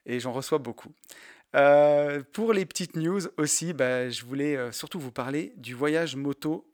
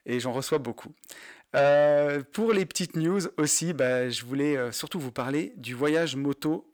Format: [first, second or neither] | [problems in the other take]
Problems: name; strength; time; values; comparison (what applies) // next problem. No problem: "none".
first | distortion; slight; 10 dB below the speech